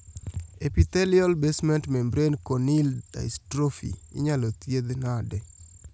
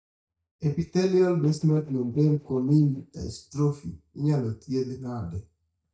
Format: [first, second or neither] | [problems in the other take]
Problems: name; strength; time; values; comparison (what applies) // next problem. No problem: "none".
first | noise reduction (neural mask model DeepFilterNet 3)